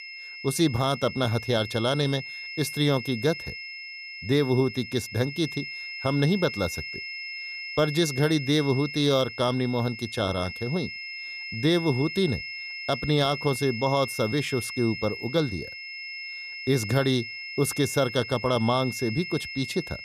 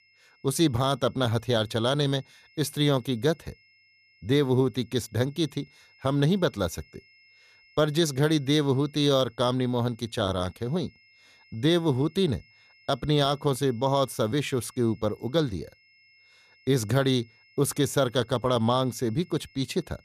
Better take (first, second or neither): second